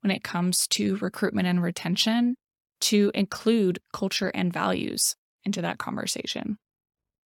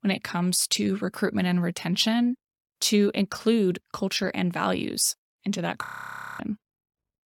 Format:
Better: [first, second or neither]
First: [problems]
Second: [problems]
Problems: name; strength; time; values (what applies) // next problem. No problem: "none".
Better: first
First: none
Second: audio freezing; at 6 s for 0.5 s